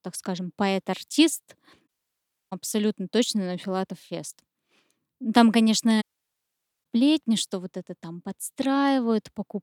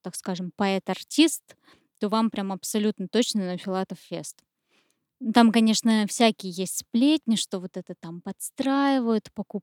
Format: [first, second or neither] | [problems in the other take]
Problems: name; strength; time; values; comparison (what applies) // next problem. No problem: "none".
second | audio cutting out; at 2 s for 0.5 s and at 6 s for 1 s